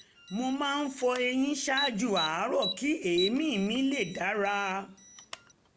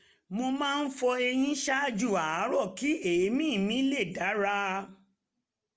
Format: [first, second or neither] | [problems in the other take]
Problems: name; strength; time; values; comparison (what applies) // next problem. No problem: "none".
second | background sound (Alarm); 11 dB below the speech